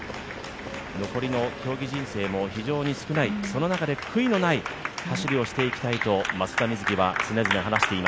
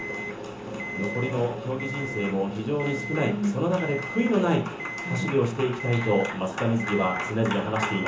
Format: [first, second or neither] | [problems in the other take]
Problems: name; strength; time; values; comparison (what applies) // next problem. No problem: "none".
first | background sound (Alarm); 12 dB below the speech // room echo; dies away in 0.8 s